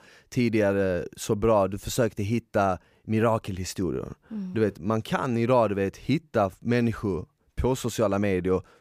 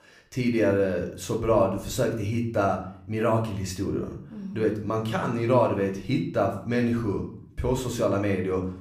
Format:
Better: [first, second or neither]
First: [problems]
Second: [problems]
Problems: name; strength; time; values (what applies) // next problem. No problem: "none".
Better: first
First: none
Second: room echo; slight; dies away in 0.5 s // off-mic speech; somewhat distant